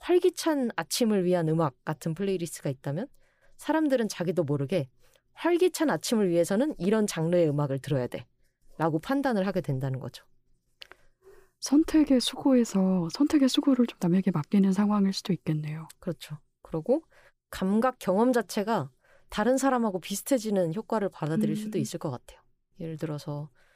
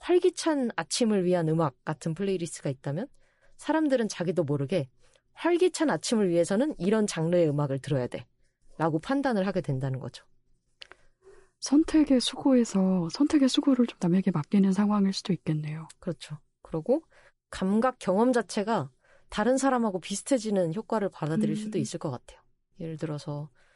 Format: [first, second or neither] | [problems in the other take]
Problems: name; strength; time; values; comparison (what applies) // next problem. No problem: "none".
first | garbled, watery; slightly; nothing above 11 kHz